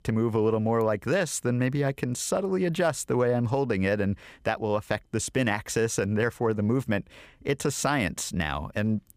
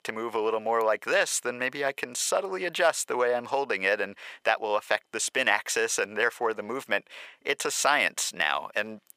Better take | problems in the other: first | thin; very; fading below 650 Hz

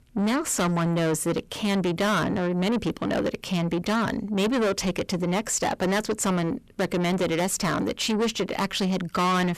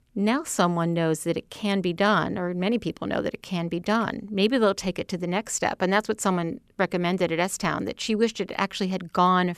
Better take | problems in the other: second | distortion; heavy; 6 dB below the speech

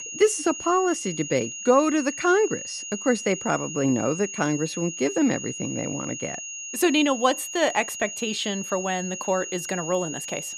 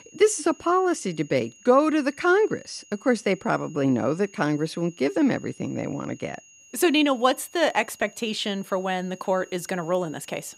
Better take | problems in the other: second | high-pitched whine; loud; throughout; 6.5 kHz, 8 dB below the speech; faint in the second

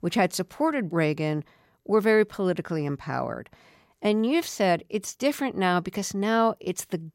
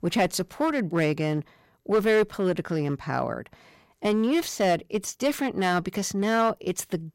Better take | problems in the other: first | distortion; slight; 5% of the sound clipped

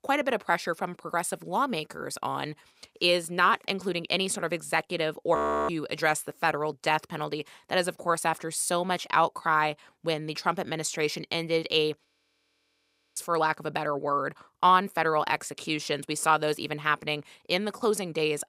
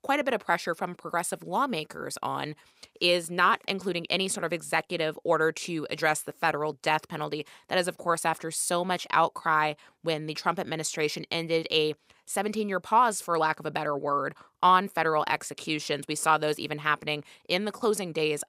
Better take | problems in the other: second | audio freezing; at 5.5 s and at 12 s for 1 s

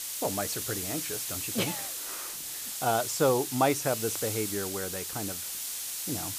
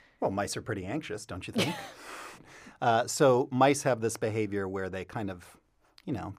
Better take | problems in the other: second | hiss; loud; throughout; 1 dB below the speech

